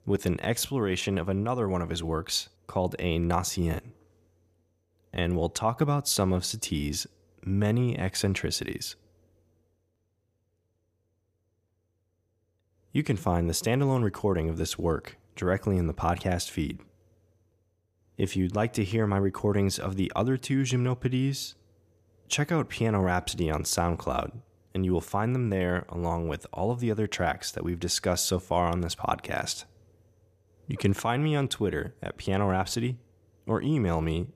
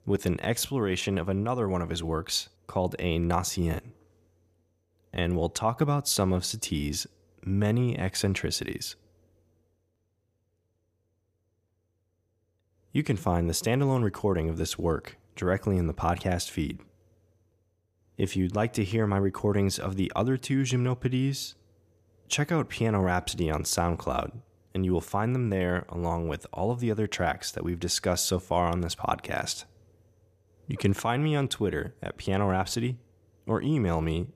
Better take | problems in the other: neither | none

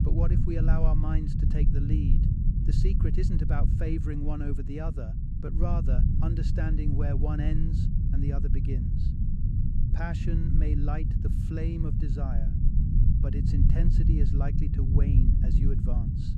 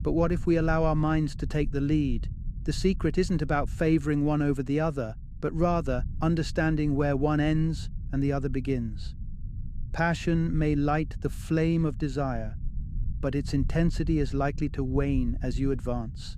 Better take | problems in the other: second | low rumble; loud; throughout; 1 dB below the speech; faint in the second

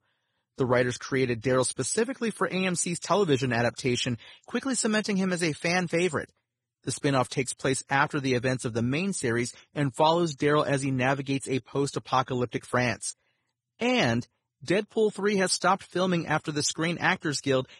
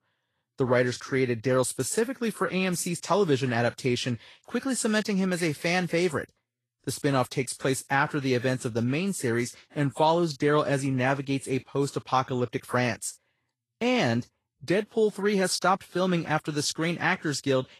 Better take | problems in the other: second | garbled, watery; badly; slightly in the second

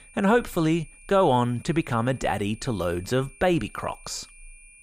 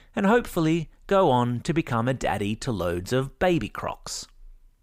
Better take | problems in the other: second | high-pitched whine; faint; throughout; 2.5 kHz, 25 dB below the speech

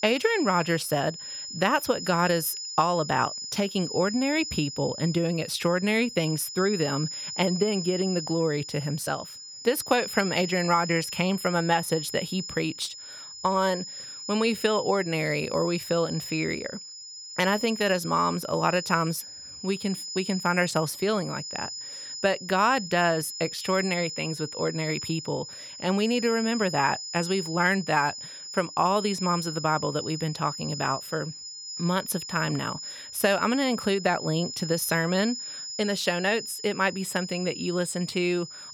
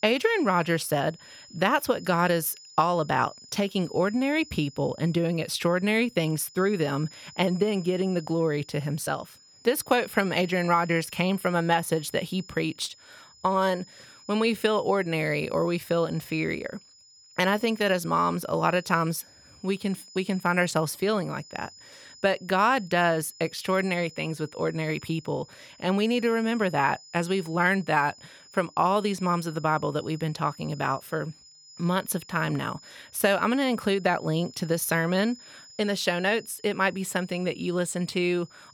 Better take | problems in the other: second | high-pitched whine; loud; throughout; 5 kHz, 9 dB below the speech; faint in the second

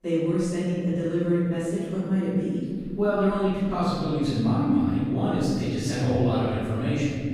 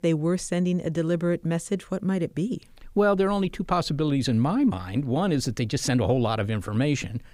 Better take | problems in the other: second | off-mic speech; far // room echo; strong; dies away in 1.8 s

